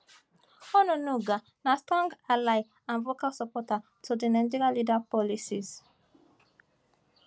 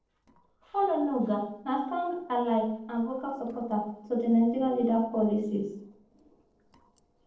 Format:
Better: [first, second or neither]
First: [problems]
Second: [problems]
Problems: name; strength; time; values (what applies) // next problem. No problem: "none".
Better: first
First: none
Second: noise reduction (neural separator model SepFormer DNS4)